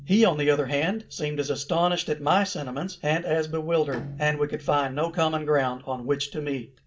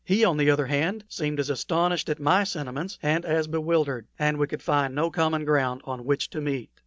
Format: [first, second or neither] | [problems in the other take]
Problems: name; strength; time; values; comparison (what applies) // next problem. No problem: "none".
second | background sound (Bowed string instrument); 20 dB below the speech // room echo; dies away in 0.3 s